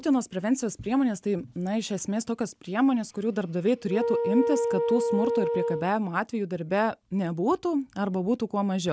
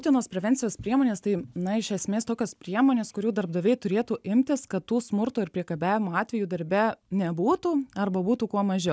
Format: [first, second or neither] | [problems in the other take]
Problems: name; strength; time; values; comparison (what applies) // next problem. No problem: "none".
second | background sound (Wind instrument, woodwind instrument); 1 dB below the speech